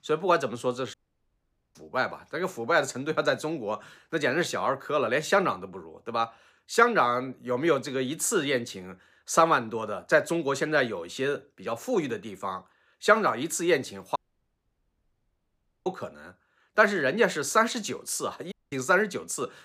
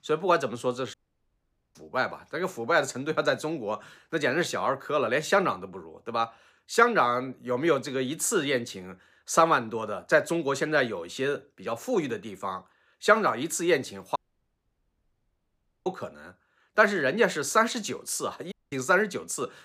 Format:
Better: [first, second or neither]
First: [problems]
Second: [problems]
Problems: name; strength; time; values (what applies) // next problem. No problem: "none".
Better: neither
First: audio cutting out; at 1 s for 1 s, at 14 s for 1.5 s and at 19 s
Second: audio cutting out; at 1 s for 1 s, at 14 s for 1.5 s and at 19 s